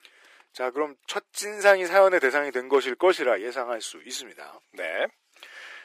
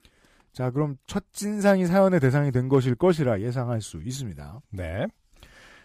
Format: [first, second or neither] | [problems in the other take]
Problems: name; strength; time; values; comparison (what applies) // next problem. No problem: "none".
second | thin; very; fading below 350 Hz